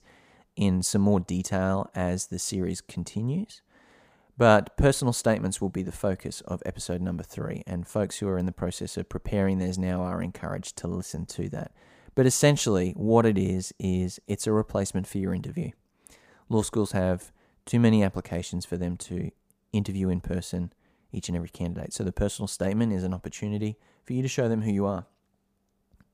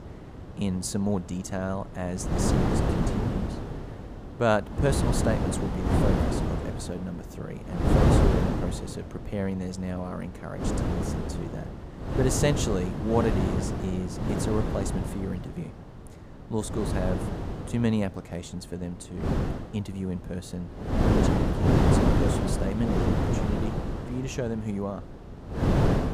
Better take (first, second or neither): first